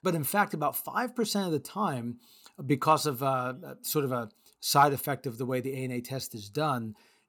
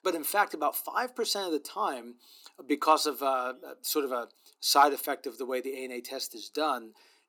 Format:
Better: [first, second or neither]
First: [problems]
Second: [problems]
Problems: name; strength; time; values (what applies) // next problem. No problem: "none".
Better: first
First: none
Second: thin; somewhat; fading below 300 Hz